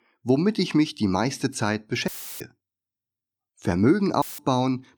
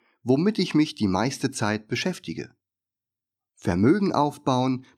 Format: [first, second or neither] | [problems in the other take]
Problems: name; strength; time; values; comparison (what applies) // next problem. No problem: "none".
second | audio cutting out; filled with static; at 2 s and at 4 s